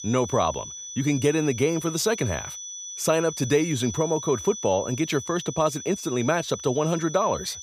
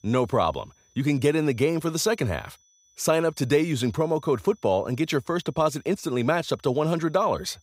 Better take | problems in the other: second | high-pitched whine; loud; throughout; 6 kHz, 10 dB below the speech; faint in the second

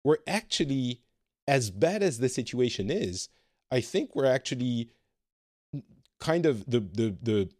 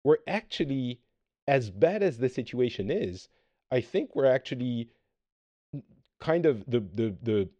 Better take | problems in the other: first | muffled; slightly; fading above 2.5 kHz

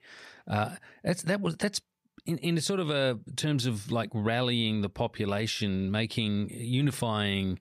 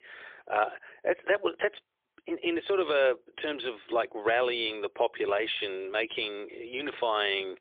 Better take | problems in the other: first | phone-call audio; poor line

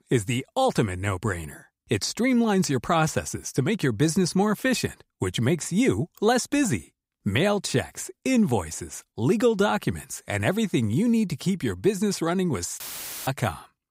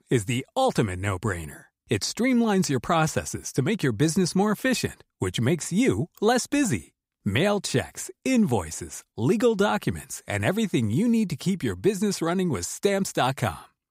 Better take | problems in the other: second | audio cutting out; filled with static; at 13 s

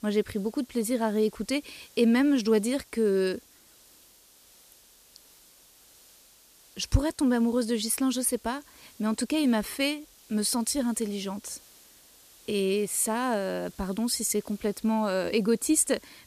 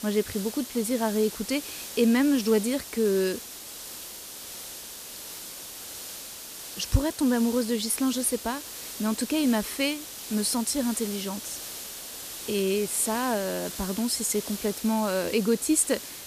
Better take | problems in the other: first | hiss; loud; throughout; 10 dB below the speech; faint in the first

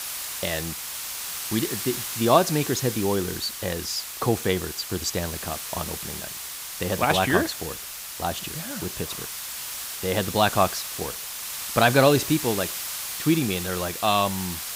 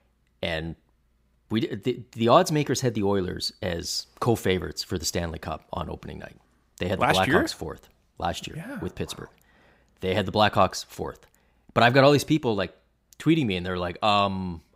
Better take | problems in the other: second | hiss; loud; throughout; 6 dB below the speech

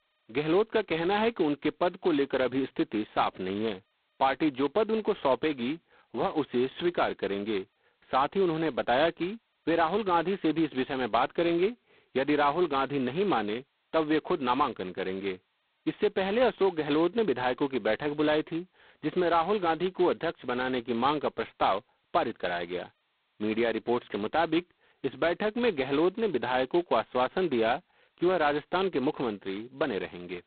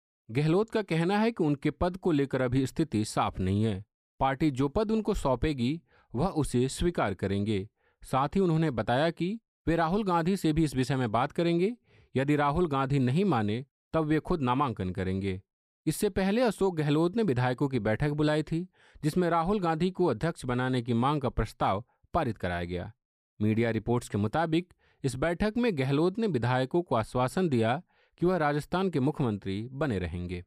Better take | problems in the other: second | phone-call audio; poor line; nothing above 4 kHz

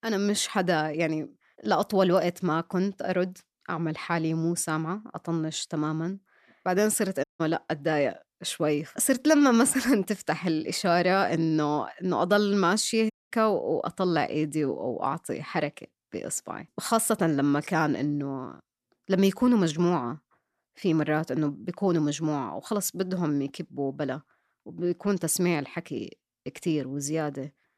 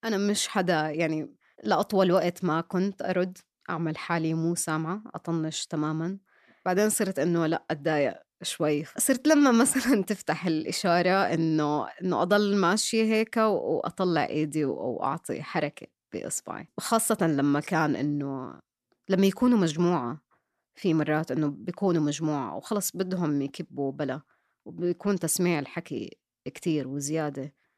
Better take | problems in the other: second | audio cutting out; at 7 s and at 13 s

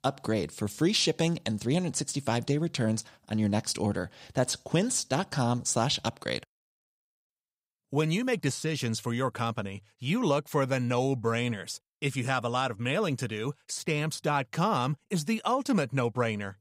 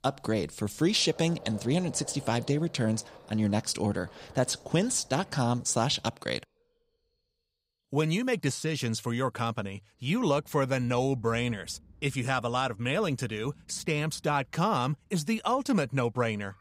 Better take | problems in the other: first | rain or running water; faint; throughout; 25 dB below the speech

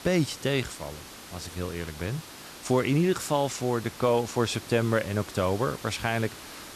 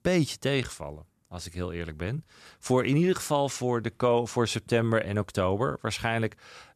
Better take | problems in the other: second | hiss; noticeable; throughout; 15 dB below the speech

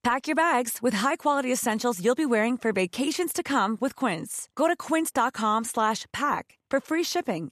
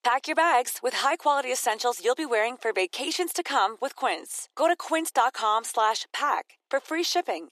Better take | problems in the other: first | thin; very; fading below 350 Hz

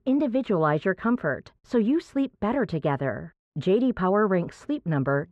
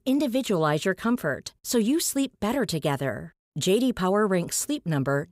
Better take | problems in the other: second | muffled; very; fading above 1.5 kHz

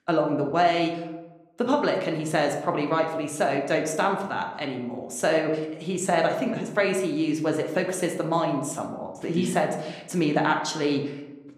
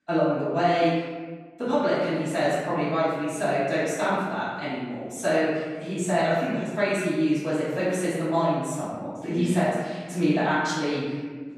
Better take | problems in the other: first | room echo; strong; dies away in 1.3 s; slight in the first // off-mic speech; far

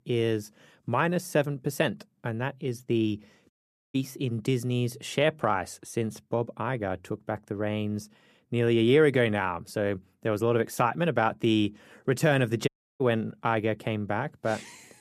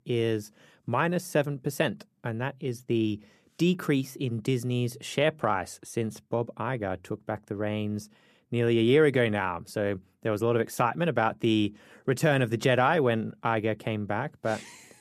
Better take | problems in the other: second | audio cutting out; at 3.5 s and at 13 s

